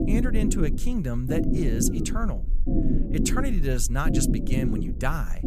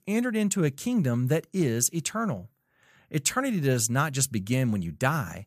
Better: second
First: low rumble; loud; throughout; 2 dB below the speech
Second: none

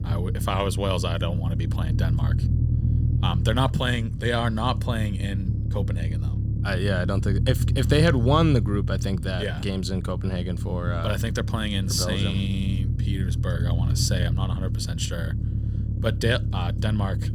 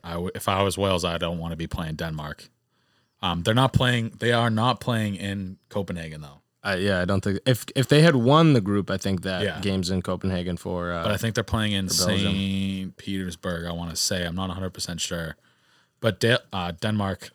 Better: second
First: low rumble; noticeable; throughout; 10 dB below the speech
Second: none

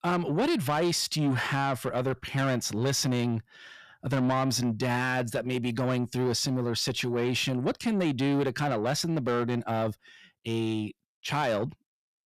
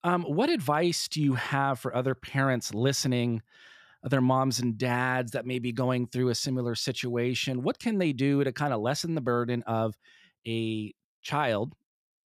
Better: second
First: distortion; slight; 10 dB below the speech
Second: none

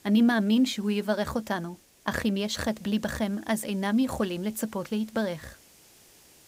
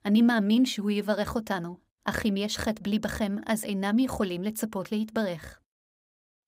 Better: second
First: hiss; faint; throughout; 25 dB below the speech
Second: none

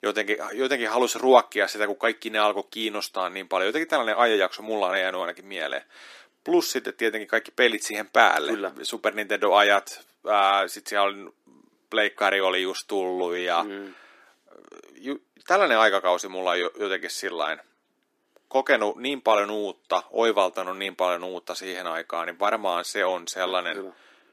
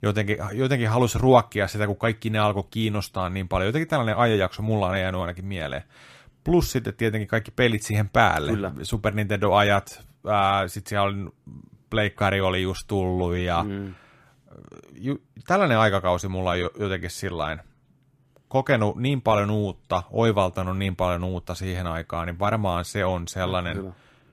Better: second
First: thin; somewhat; fading below 300 Hz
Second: none

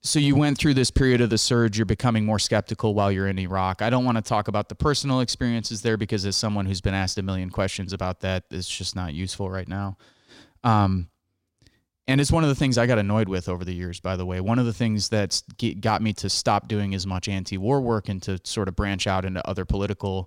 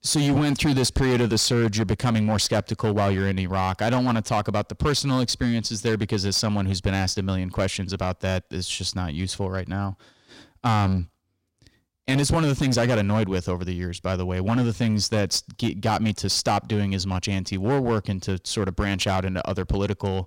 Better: first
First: none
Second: distortion; slight; 9% of the sound clipped

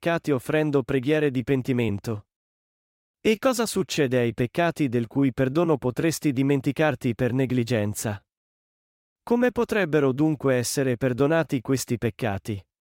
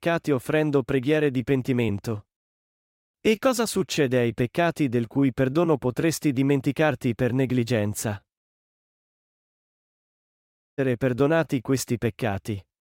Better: first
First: none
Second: audio cutting out; at 9 s for 2 s

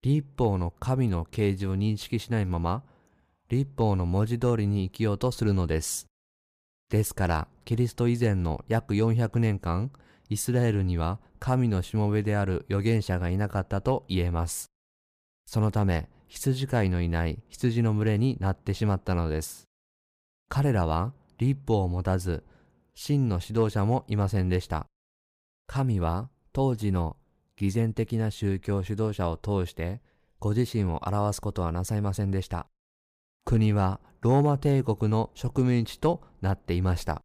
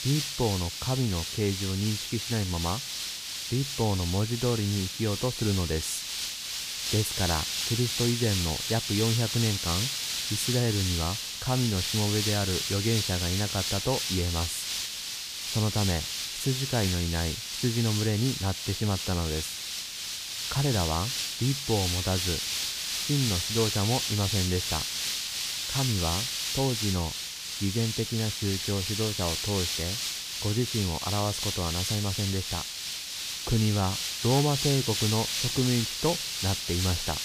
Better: first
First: none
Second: hiss; loud; throughout; as loud as the speech

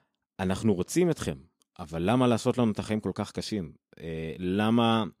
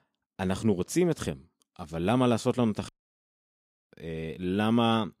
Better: first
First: none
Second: audio cutting out; at 3 s for 1 s

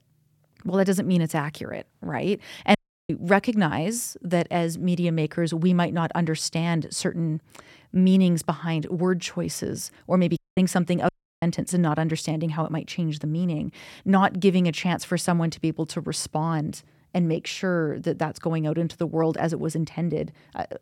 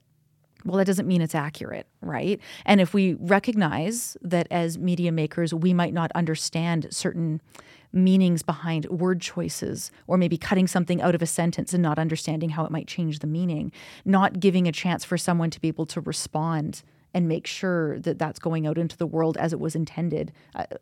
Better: second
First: audio cutting out; at 3 s, at 10 s and at 11 s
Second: none

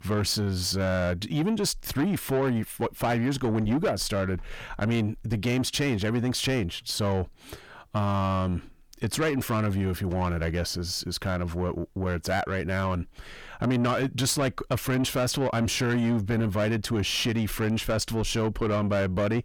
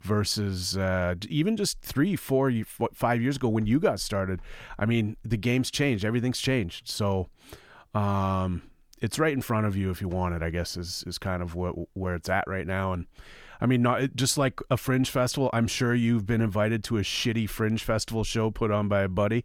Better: second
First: distortion; slight; 10 dB below the speech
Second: none

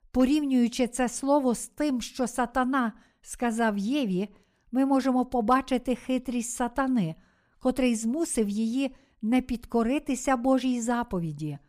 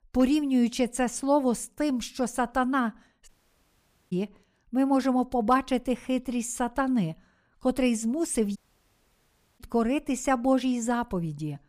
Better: first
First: none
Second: audio cutting out; at 3.5 s for 1 s and at 8.5 s for 1 s

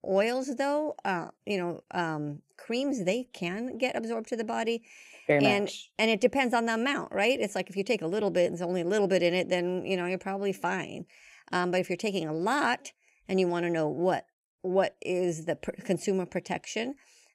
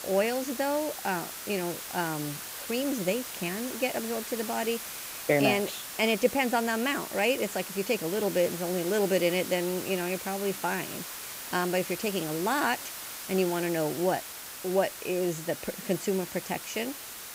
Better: first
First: none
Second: hiss; loud; throughout; 7 dB below the speech

